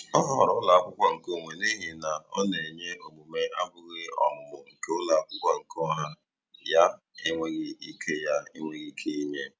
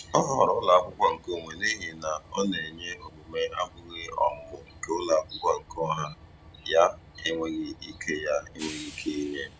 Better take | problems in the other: first | background sound (Train); 20 dB below the speech

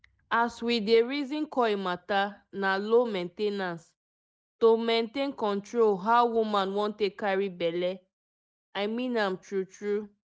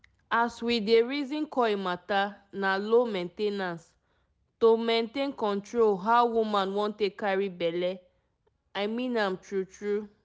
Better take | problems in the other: second | noise reduction (neural mask model Resemble Enhance denoiser)

